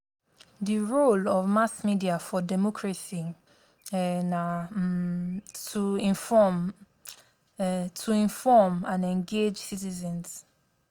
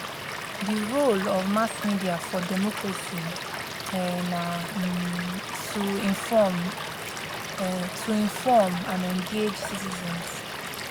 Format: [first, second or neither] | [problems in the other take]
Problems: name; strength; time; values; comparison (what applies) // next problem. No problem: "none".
first | background sound (Stream / Liquid); 6 dB below the speech